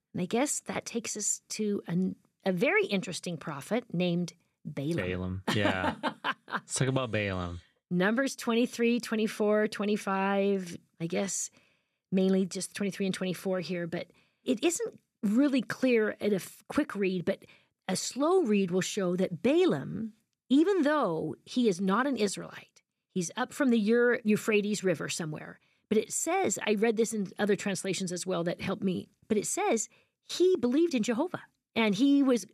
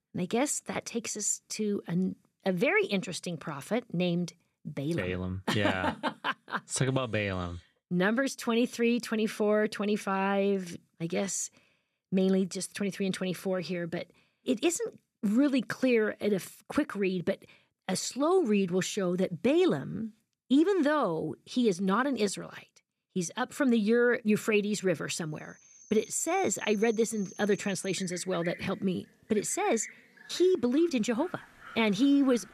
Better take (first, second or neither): first